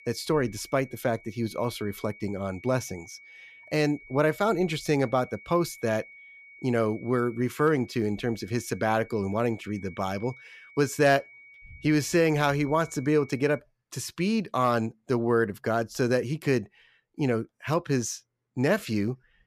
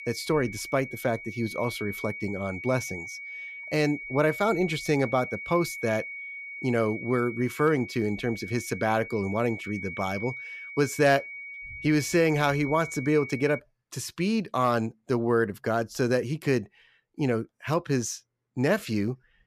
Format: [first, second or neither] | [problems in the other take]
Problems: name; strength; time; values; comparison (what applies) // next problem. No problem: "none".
first | high-pitched whine; loud; until 14 s; 2 kHz, 10 dB below the speech; faint in the first